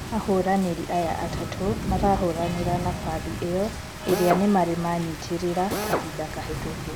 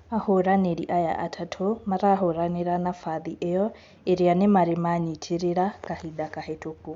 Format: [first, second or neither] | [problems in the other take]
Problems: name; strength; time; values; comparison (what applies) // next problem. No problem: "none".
second | background sound (Drill + Rain); 5 dB below the speech